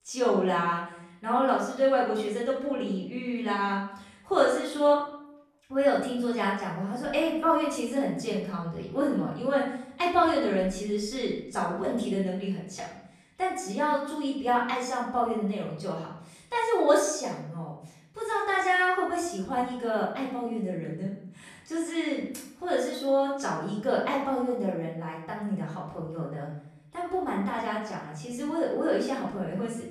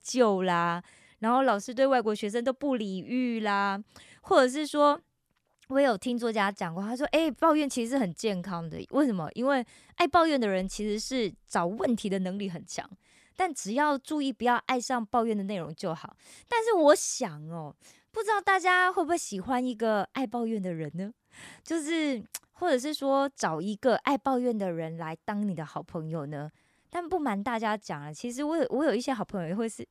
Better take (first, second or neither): second